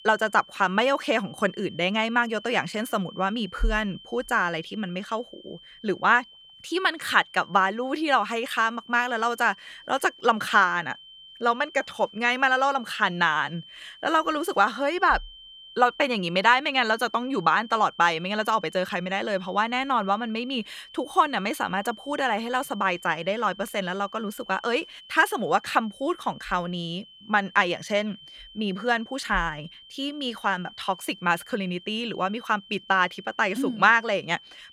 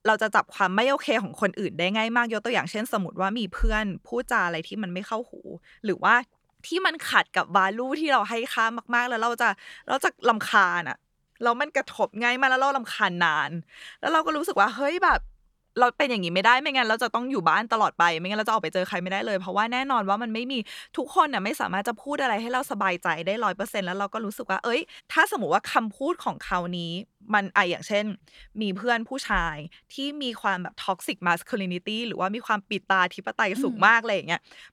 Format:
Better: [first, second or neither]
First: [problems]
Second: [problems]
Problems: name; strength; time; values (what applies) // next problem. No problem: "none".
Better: second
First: high-pitched whine; faint; throughout; 3 kHz, 20 dB below the speech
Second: none